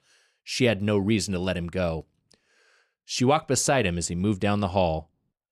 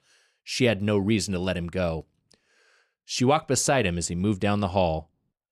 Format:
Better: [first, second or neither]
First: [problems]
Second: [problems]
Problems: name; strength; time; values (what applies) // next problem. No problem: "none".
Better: neither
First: none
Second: none